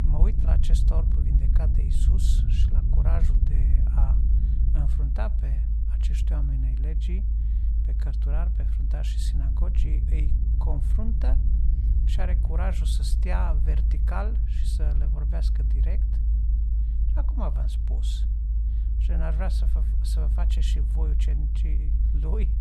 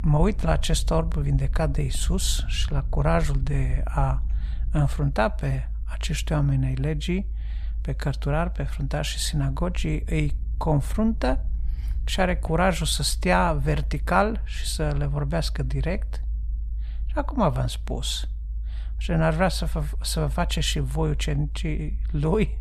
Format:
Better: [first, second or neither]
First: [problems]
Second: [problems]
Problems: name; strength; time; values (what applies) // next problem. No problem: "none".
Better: second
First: low rumble; loud; throughout; 4 dB below the speech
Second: low rumble; faint; throughout; 25 dB below the speech